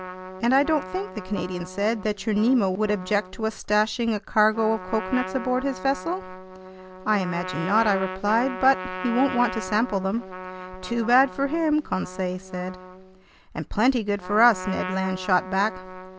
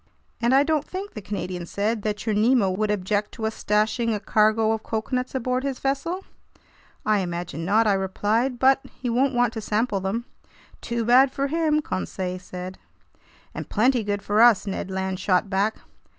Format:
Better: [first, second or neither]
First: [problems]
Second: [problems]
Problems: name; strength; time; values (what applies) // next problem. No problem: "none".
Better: second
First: background sound (Trumpet); 12 dB below the speech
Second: none